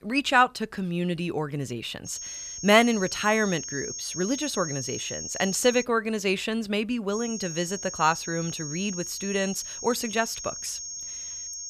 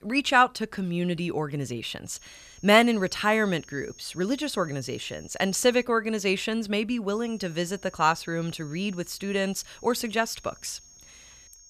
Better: second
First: high-pitched whine; loud; from 2 to 6 s and from 7 s on; 6.5 kHz, 7 dB below the speech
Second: high-pitched whine; faint; from 2 to 6 s and from 7 s on; 6.5 kHz, 25 dB below the speech

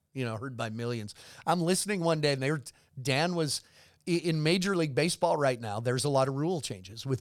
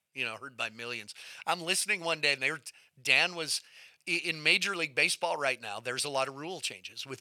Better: first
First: none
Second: thin; somewhat; fading below 1 kHz

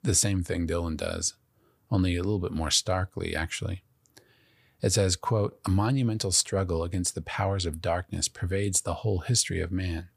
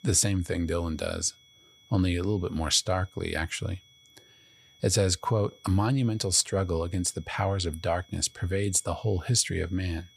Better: first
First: none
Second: high-pitched whine; faint; throughout; 3.5 kHz, 30 dB below the speech

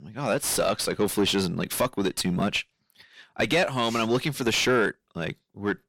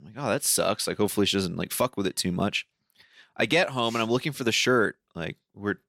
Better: second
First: distortion; slight; 9 dB below the speech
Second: none

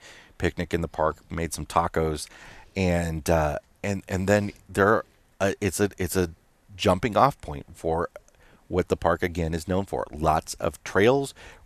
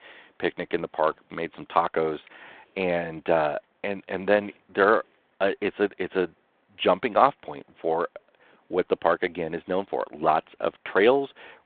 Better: first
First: none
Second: phone-call audio; nothing above 3.5 kHz

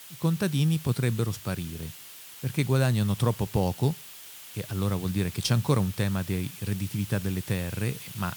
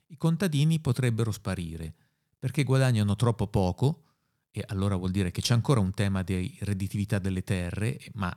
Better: second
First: hiss; noticeable; throughout; 15 dB below the speech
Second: none

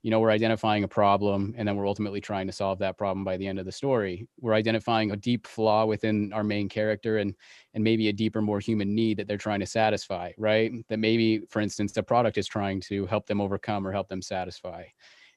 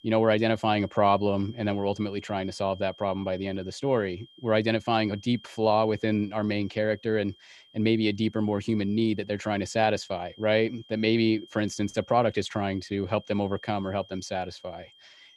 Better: first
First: none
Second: high-pitched whine; faint; throughout; 3 kHz, 25 dB below the speech

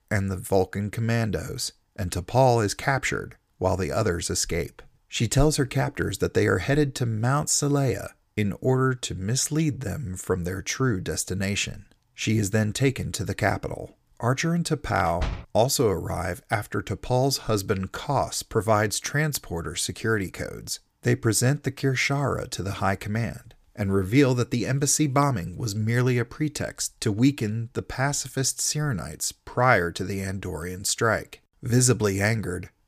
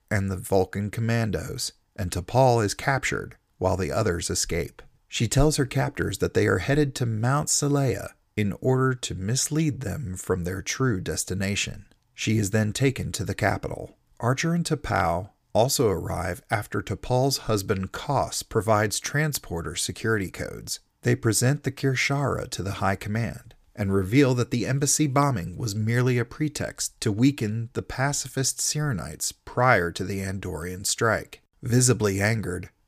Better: second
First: door banging; noticeable; at 15 s; peak 7 dB below the speech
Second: none

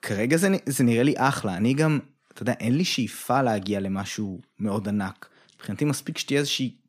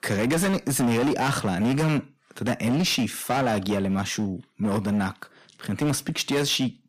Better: first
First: none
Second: distortion; heavy; 17% of the sound clipped

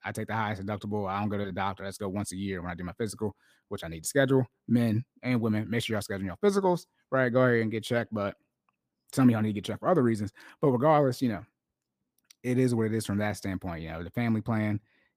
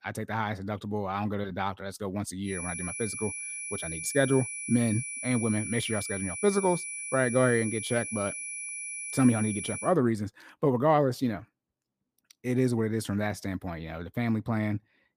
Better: first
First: none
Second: high-pitched whine; loud; from 2.5 to 10 s; 10 kHz, 5 dB below the speech

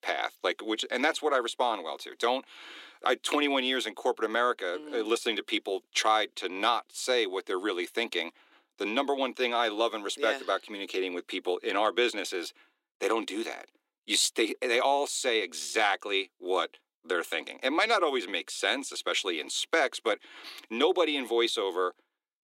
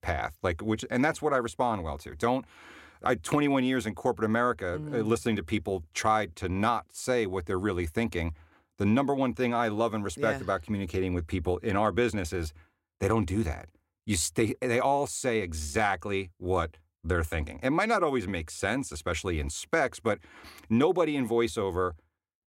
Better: second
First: thin; somewhat; fading below 300 Hz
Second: none

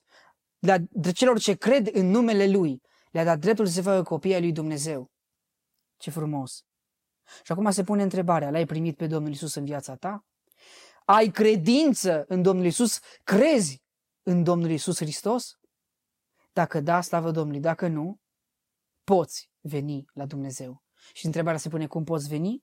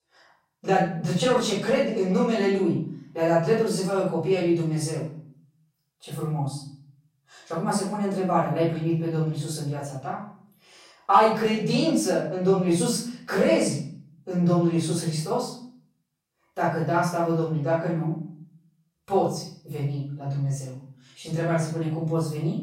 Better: first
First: none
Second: off-mic speech; far // room echo; noticeable; dies away in 0.5 s

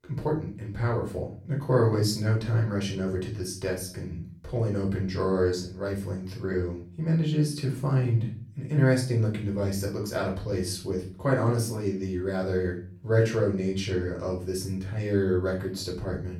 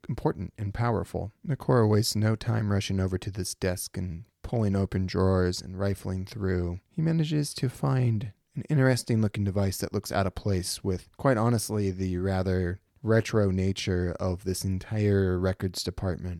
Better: second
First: off-mic speech; far // room echo; slight; dies away in 0.4 s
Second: none

